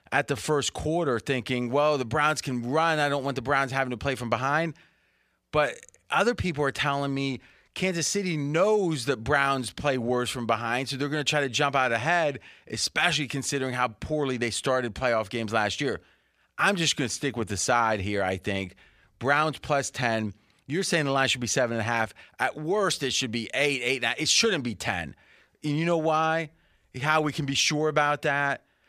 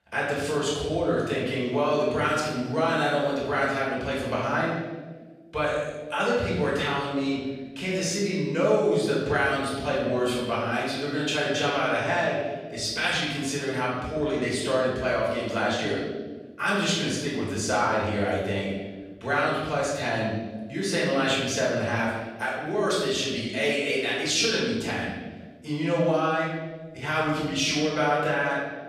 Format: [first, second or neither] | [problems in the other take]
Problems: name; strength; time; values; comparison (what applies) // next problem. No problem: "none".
first | room echo; noticeable; dies away in 1.3 s // off-mic speech; far